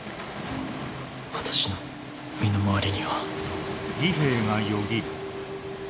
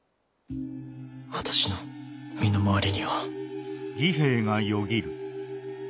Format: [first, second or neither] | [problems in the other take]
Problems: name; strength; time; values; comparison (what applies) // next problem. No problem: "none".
second | background sound (Waves, surf); 7 dB below the speech